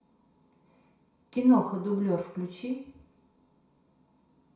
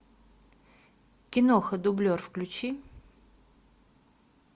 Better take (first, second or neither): second